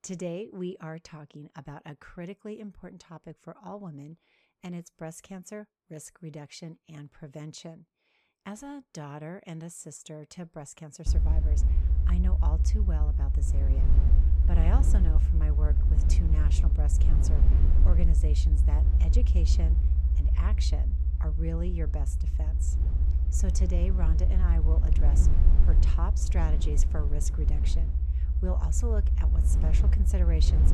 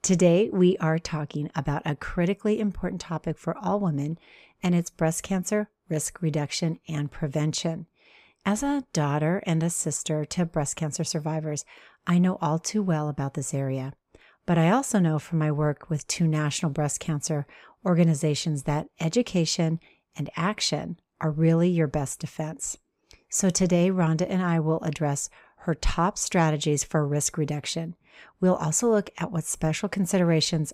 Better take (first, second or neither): second